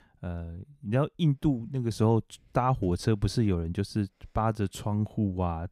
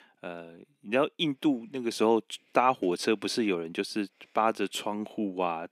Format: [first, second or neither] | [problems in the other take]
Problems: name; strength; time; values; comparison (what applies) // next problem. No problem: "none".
first | thin; somewhat; fading below 250 Hz